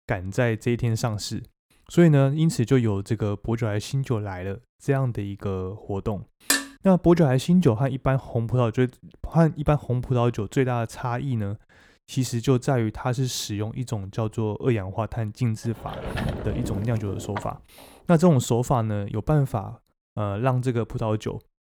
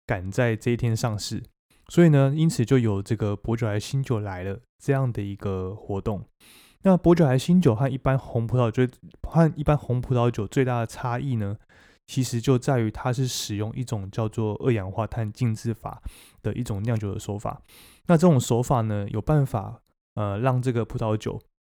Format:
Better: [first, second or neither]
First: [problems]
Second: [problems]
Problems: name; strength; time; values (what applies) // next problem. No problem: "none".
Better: second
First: clattering dishes; loud; at 6.5 s; peak 1 dB above the speech // door banging; noticeable; from 16 to 17 s; peak 5 dB below the speech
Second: none